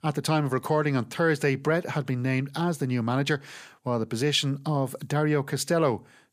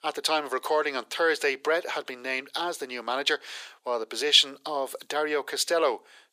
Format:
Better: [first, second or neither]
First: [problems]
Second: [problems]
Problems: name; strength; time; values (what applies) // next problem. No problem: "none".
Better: first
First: none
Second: thin; very; fading below 400 Hz